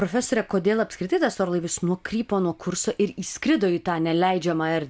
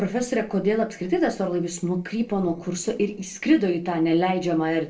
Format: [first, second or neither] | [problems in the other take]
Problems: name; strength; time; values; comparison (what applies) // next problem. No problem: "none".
first | noise reduction (neural separator model SepFormer DNS4)